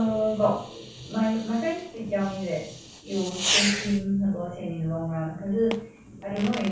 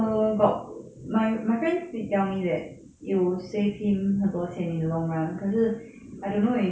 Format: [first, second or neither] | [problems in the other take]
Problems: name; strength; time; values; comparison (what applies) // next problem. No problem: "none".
second | background sound (Fireworks); 7 dB below the speech // room echo; dies away in 0.3 s